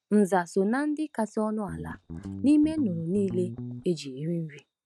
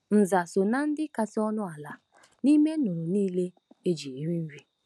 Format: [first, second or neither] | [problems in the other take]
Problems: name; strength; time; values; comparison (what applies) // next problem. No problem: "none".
second | noise reduction (neural mask model RNNoise)